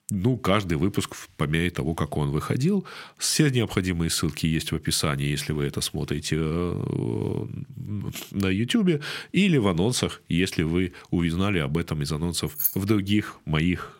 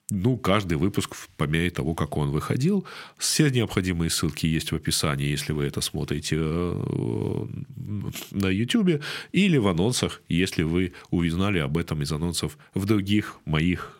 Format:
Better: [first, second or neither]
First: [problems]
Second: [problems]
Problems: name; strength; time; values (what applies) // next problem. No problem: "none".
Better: second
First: jangling keys; loud; at 13 s; peak level with the speech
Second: none